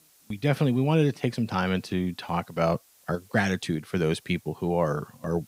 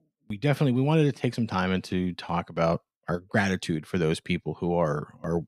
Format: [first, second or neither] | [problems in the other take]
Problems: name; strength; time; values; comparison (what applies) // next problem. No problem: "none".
second | hiss; faint; throughout; 30 dB below the speech